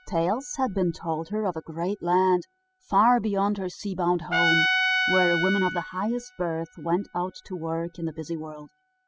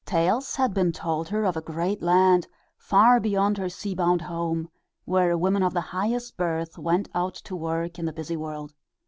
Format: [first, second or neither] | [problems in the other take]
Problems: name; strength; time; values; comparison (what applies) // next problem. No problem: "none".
second | noise reduction (classical method spectral subtraction)